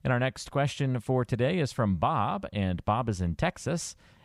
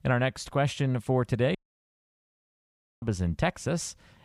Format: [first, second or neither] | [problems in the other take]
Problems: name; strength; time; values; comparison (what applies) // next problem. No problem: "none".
first | audio cutting out; at 1.5 s for 1.5 s